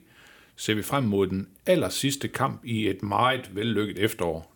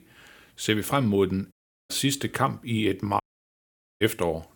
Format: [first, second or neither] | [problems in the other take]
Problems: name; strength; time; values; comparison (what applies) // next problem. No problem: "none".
first | audio cutting out; at 1.5 s and at 3 s for 1 s